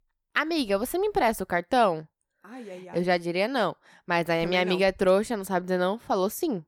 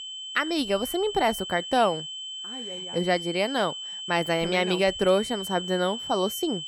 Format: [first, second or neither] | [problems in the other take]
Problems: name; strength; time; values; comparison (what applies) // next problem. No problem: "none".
first | high-pitched whine; loud; throughout; 3 kHz, 7 dB below the speech